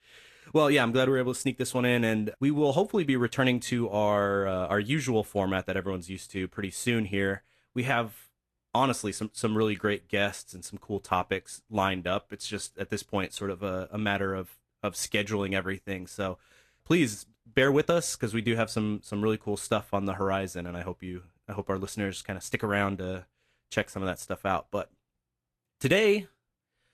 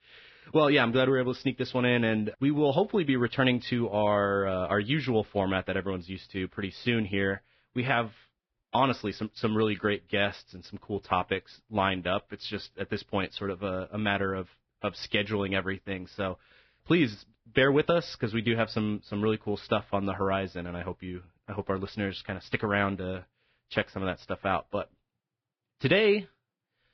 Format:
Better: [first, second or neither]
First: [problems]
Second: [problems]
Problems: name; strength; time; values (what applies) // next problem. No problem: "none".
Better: first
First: garbled, watery; slightly; nothing above 13 kHz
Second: garbled, watery; badly; nothing above 5.5 kHz